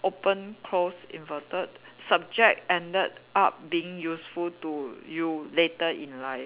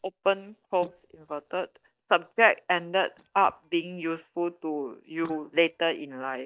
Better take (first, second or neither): first